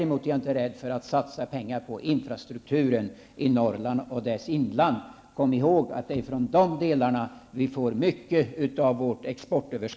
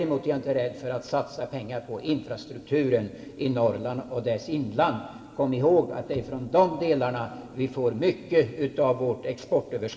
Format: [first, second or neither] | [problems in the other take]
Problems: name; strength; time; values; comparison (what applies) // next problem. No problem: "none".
first | room echo; dies away in 2.2 s